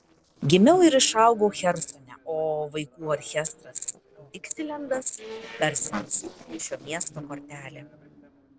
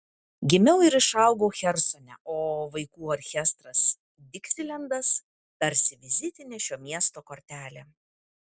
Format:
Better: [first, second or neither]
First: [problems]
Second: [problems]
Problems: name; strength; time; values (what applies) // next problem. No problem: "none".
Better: second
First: noise reduction (neural separator model SepFormer DNS4)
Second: none